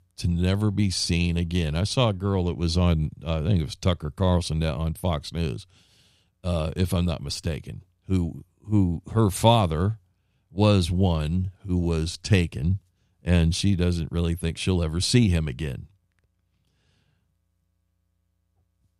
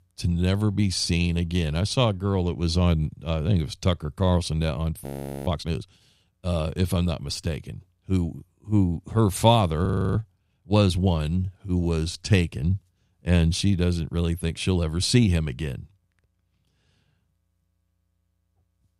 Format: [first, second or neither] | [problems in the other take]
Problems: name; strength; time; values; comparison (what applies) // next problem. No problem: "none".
first | audio freezing; at 5 s and at 10 s